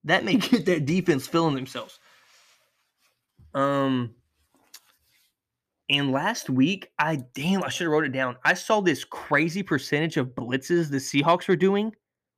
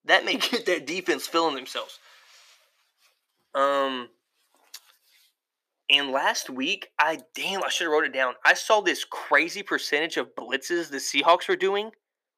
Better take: first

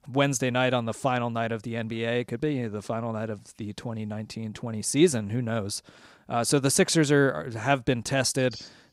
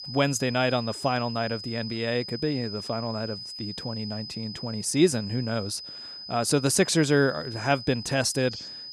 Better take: first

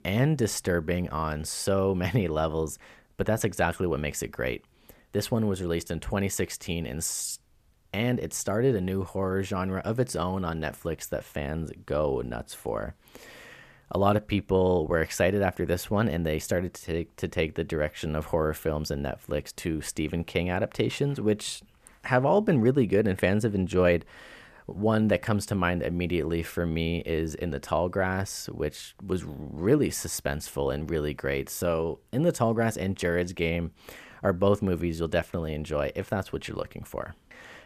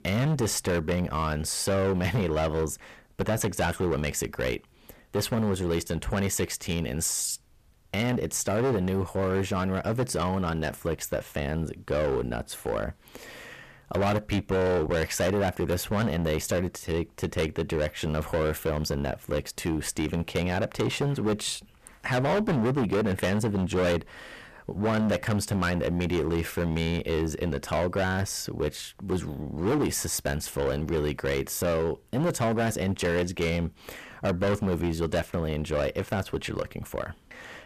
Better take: first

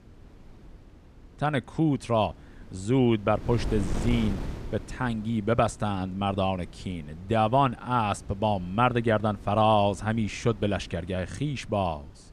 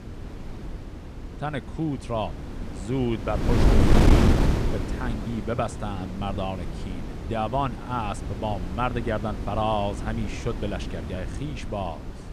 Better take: first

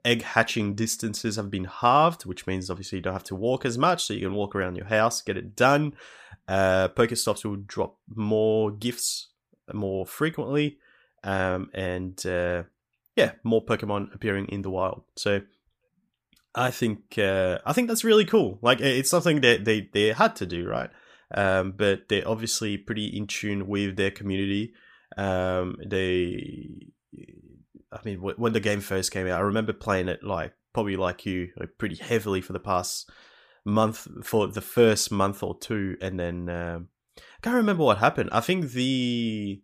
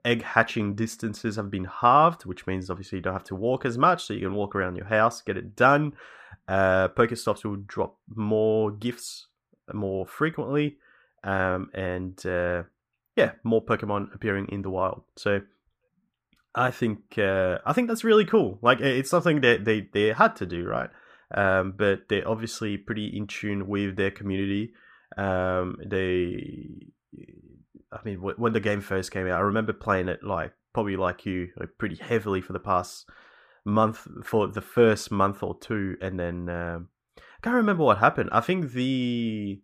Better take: first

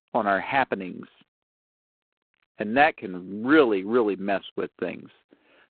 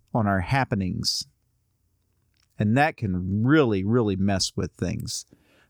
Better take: second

